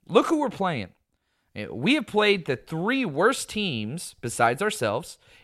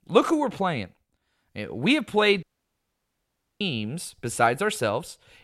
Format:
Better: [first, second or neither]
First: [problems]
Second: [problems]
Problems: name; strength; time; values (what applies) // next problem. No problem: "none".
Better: first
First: none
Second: audio cutting out; at 2.5 s for 1 s